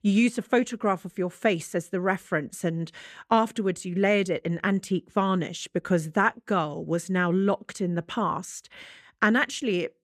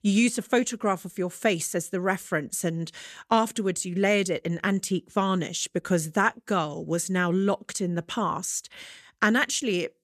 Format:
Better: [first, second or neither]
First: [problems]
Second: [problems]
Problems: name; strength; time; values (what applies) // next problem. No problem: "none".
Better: second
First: muffled; slightly; fading above 4 kHz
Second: none